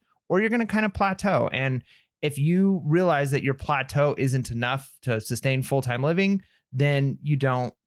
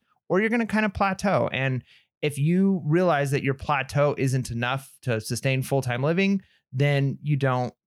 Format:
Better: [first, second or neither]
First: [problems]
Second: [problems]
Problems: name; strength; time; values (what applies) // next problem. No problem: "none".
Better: second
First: garbled, watery; slightly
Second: none